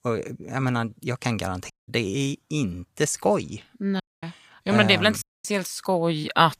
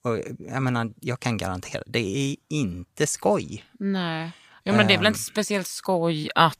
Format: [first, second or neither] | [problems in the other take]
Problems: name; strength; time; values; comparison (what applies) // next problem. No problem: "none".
second | audio cutting out; at 1.5 s, at 4 s and at 5 s